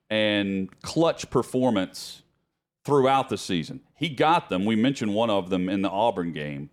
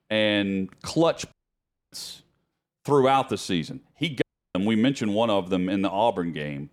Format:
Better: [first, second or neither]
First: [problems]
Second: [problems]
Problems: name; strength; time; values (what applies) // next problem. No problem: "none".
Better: first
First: none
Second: audio cutting out; at 1.5 s for 0.5 s and at 4 s